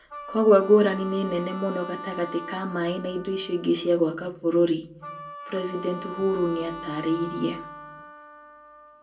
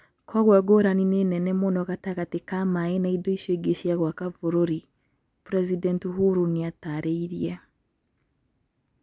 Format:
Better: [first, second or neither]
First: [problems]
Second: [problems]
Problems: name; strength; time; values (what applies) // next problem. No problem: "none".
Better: second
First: background sound (Wind instrument, woodwind instrument); 14 dB below the speech // room echo; dies away in 0.2 s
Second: none